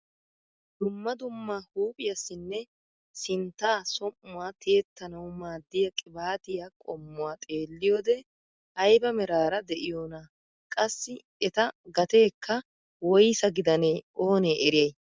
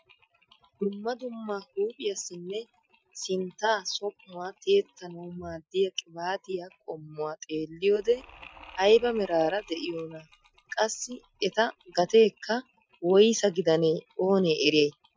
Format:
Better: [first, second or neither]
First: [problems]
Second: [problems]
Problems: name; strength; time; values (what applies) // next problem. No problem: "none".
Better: first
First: none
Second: noise reduction (classical method Wiener filter)